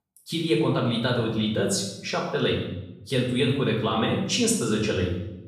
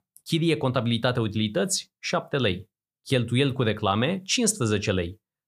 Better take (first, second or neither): second